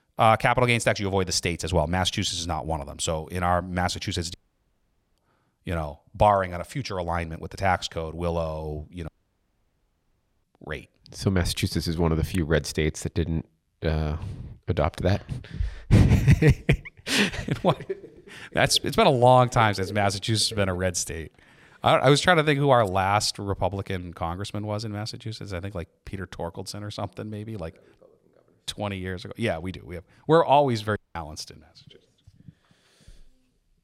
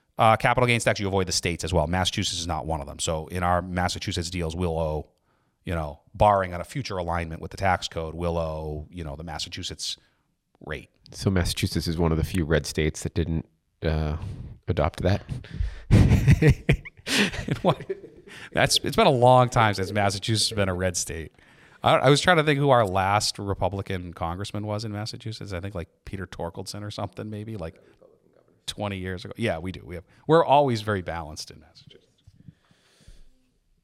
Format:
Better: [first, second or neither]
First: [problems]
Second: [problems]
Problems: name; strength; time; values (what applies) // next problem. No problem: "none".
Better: second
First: audio cutting out; at 4.5 s for 1 s, at 9 s for 1.5 s and at 31 s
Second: none